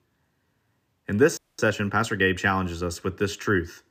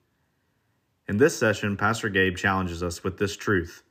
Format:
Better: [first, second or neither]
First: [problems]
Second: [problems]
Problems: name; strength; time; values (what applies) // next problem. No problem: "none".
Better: second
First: audio freezing; at 1.5 s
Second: none